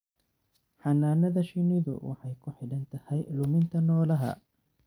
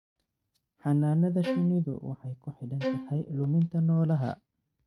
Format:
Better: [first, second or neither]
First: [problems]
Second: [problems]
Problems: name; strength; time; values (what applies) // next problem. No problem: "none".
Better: first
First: none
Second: noise reduction (neural mask model RNNoise)